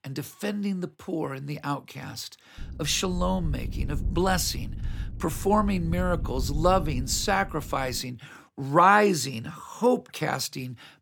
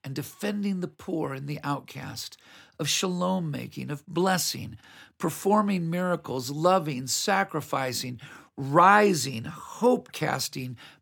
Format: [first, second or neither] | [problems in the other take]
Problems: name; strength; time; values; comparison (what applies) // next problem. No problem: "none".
second | wind noise on the microphone; occasional gusts; from 2.5 to 8 s; 25 dB below the speech